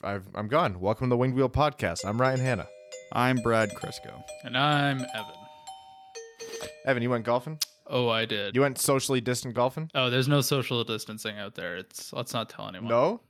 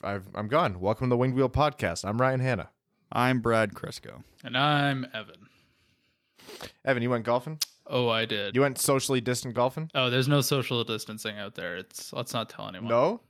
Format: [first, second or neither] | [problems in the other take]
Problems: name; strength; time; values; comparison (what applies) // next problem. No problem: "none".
second | doorbell; faint; from 2 to 7.5 s; peak 15 dB below the speech